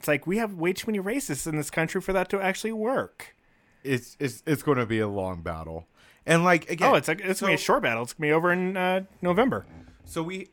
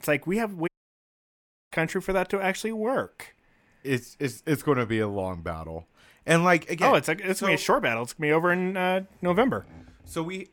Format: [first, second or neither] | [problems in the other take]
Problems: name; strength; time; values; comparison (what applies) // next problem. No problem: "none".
first | audio cutting out; at 0.5 s for 1 s